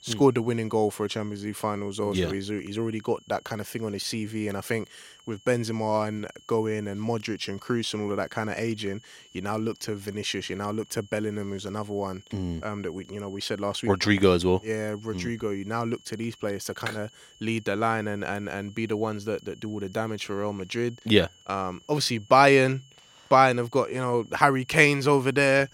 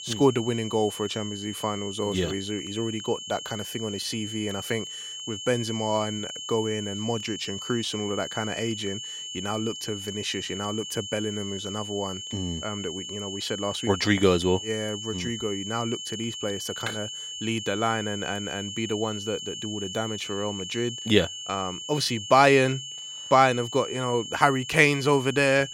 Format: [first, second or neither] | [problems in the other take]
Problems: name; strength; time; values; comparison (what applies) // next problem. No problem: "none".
first | high-pitched whine; loud; throughout; 3 kHz, 7 dB below the speech; faint in the first